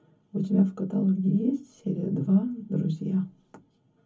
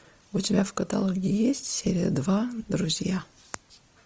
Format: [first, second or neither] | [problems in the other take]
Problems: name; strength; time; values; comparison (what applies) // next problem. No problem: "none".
second | room echo; dies away in 0.3 s